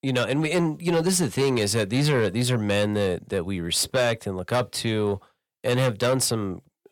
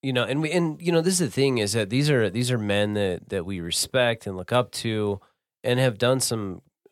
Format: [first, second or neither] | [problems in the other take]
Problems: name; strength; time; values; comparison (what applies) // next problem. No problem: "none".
second | distortion; slight; 10 dB below the speech